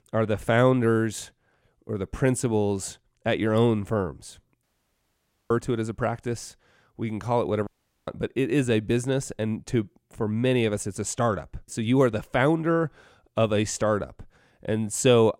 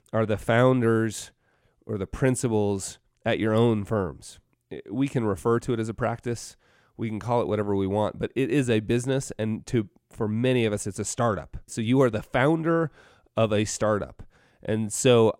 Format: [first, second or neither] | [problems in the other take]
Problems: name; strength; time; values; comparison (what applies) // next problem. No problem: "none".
second | audio cutting out; at 4.5 s for 1 s and at 7.5 s